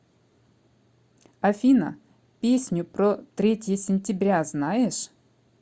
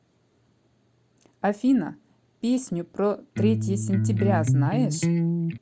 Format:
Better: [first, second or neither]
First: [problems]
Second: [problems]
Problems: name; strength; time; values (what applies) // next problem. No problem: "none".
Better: first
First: none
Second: background sound (Electric guitar); 4 dB above the speech